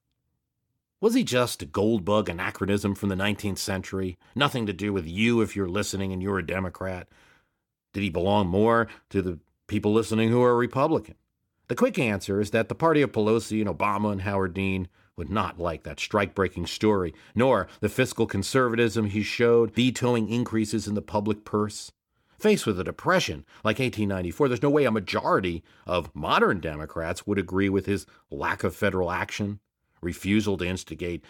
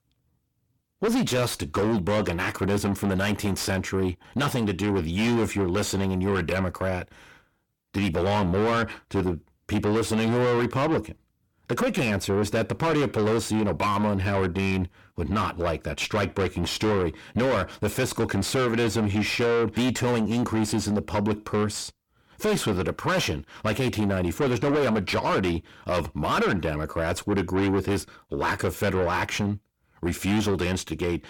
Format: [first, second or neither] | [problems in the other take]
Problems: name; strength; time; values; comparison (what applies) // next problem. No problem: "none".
first | distortion; heavy; 6 dB below the speech